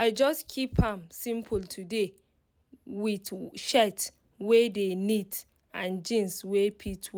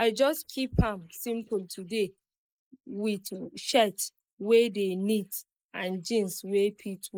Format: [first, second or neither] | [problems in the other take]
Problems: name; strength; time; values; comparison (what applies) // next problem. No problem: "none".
first | noise reduction (neural mask model Resemble Enhance denoiser)